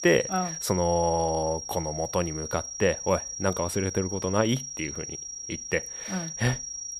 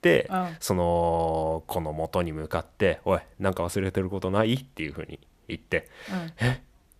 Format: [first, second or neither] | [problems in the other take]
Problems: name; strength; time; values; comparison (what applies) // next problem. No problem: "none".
second | high-pitched whine; loud; throughout; 5.5 kHz, 6 dB below the speech